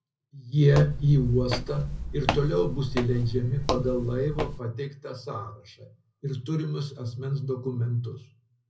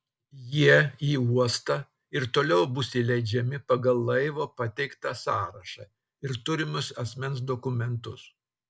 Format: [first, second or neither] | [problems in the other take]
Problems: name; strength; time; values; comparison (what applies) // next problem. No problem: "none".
second | background sound (Walk, footsteps); 5 dB below the speech // room echo; dies away in 0.4 s